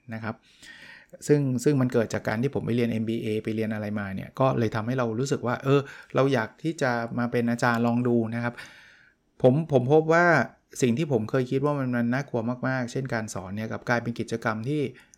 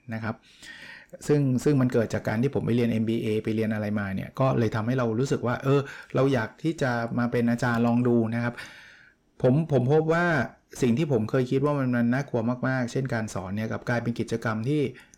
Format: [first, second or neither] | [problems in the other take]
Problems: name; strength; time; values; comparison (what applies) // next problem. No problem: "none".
first | distortion; slight; 10 dB below the speech